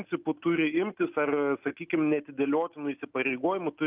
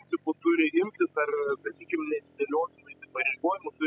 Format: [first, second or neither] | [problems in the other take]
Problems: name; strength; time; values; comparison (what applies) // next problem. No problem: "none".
first | noise reduction (classical method spectral subtraction)